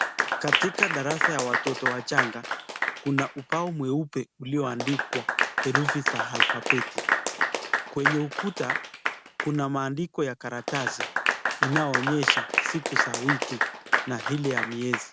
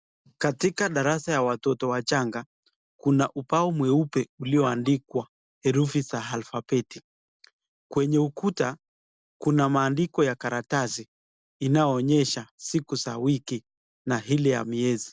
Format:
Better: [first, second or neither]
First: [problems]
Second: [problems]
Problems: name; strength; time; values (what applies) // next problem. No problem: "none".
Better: second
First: background sound (Applause / Clapping); 2 dB above the speech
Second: none